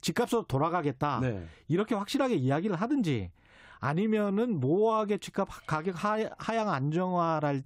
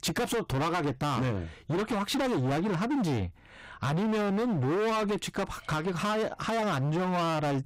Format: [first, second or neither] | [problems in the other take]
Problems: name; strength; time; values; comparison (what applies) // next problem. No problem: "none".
first | distortion; heavy; 36% of the sound clipped